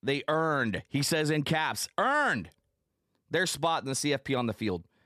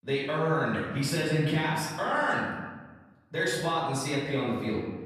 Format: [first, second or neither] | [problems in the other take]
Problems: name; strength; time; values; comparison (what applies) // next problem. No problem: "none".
first | room echo; noticeable; dies away in 1.2 s // off-mic speech; far